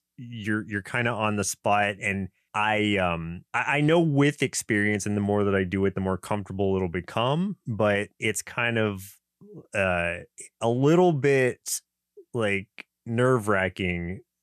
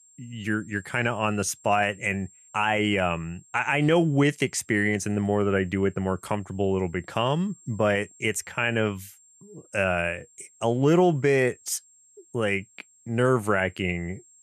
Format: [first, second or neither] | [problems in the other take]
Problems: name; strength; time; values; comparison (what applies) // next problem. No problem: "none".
first | high-pitched whine; faint; throughout; 7.5 kHz, 30 dB below the speech